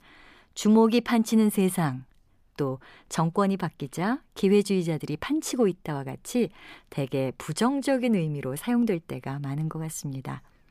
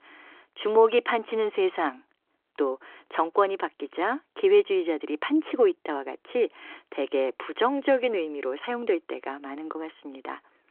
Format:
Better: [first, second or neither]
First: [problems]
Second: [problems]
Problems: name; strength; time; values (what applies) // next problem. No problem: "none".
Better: first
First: none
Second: phone-call audio; nothing above 3.5 kHz